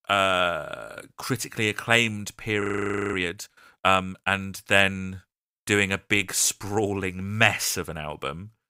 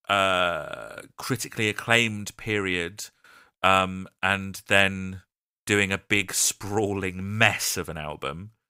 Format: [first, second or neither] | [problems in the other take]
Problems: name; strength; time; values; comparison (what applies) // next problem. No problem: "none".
second | audio freezing; at 2.5 s for 0.5 s